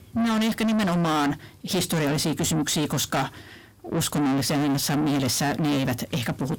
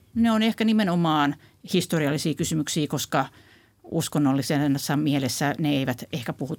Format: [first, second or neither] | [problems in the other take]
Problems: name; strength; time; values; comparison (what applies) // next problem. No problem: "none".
second | distortion; heavy; 7 dB below the speech